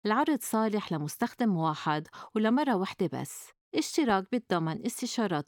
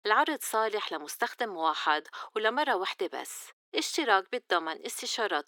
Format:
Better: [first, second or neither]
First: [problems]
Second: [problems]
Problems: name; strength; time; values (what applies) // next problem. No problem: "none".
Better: first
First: none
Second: thin; very; fading below 350 Hz